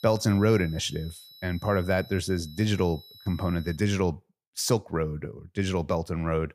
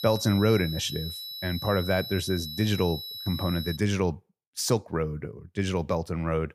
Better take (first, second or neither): first